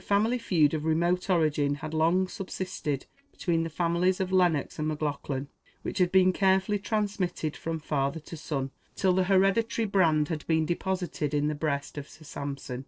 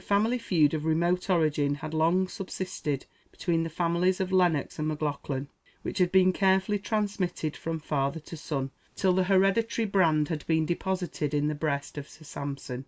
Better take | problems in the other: second | noise reduction (neural separator model SepFormer DNS4)

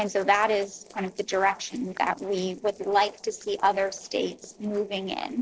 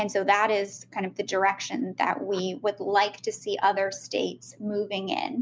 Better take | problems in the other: second | noise reduction (neural separator model SepFormer DNS4)

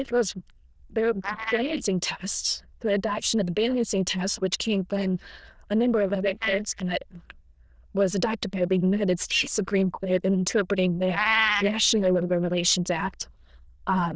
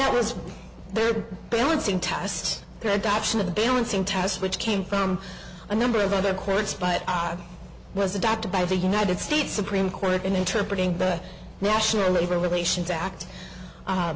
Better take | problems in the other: second | noise reduction (neural diffusion model UNIVERSE++)

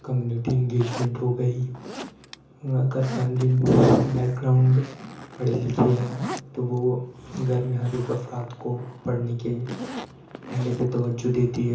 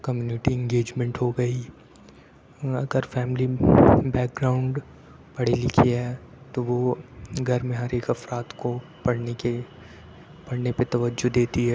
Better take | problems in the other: second | background sound (Zipper (clothing)); 15 dB below the speech // room echo; dies away in 0.7 s

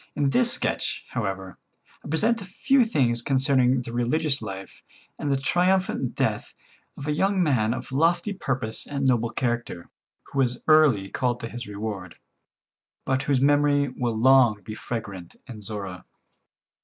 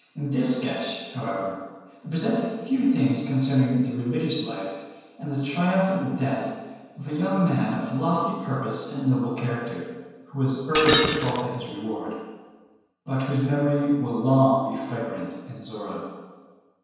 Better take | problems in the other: first | background sound (Shatter); 4 dB below the speech // room echo; dies away in 1.2 s

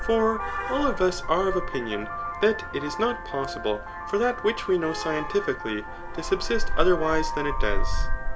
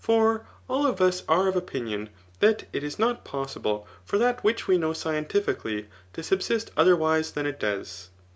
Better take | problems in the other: second | background sound (Vehicle horn, car horn, honking); 1 dB below the speech

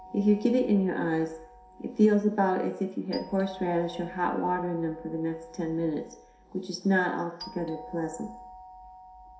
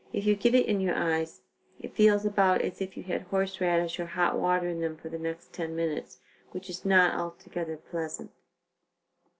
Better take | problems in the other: second | background sound (Doorbell); 19 dB below the speech // room echo; dies away in 0.7 s

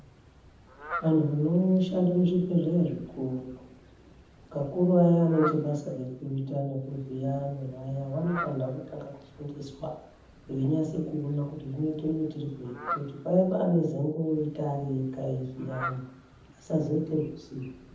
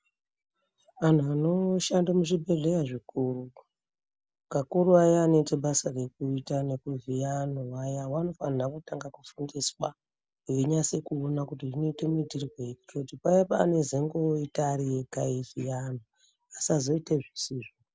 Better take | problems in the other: second | background sound (Fowl); 15 dB below the speech // room echo; dies away in 0.8 s

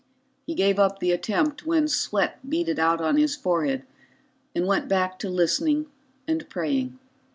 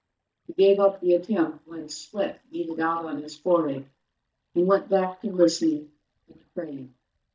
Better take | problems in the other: first | noise reduction (neural mask model DeepFilterNet 3)

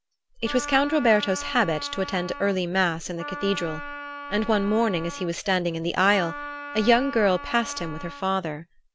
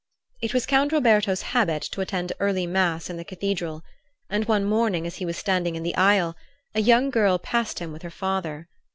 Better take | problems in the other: second | background sound (Wind instrument, woodwind instrument); 12 dB below the speech

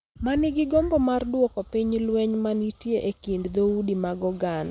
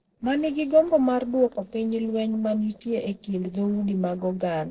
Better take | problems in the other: first | noise reduction (neural separator model SepFormer DNS4)

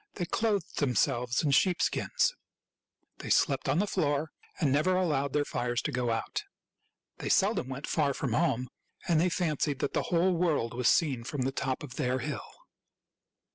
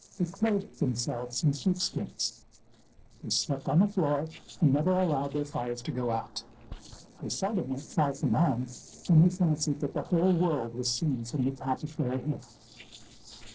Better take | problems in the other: first | noise reduction (neural separator model SepFormer DNS4)

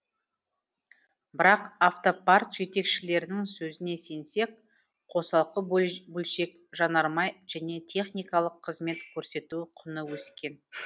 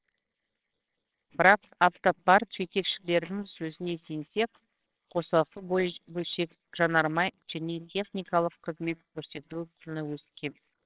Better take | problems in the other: first | noise reduction (neural separator model SepFormer WHAMR!)

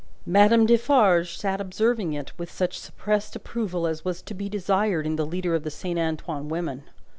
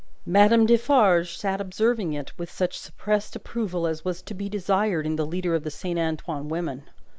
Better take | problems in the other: first | noise reduction (neural mask model Resemble Enhance denoiser)

